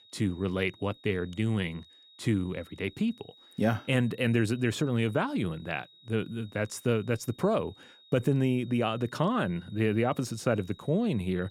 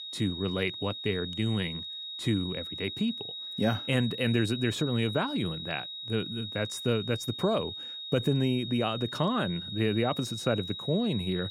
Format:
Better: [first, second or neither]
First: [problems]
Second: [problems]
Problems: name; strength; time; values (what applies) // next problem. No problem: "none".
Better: first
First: high-pitched whine; faint; throughout; 4 kHz, 25 dB below the speech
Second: high-pitched whine; loud; throughout; 4 kHz, 6 dB below the speech